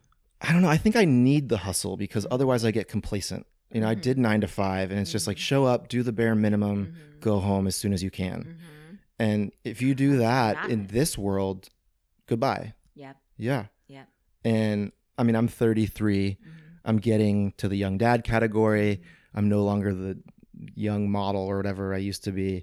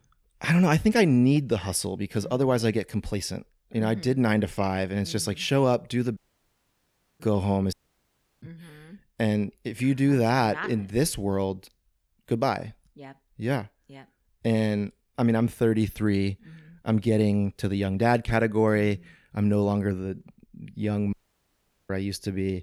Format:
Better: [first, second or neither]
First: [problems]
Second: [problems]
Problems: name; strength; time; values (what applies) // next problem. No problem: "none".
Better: first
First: none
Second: audio cutting out; at 6 s for 1 s, at 7.5 s for 0.5 s and at 21 s for 1 s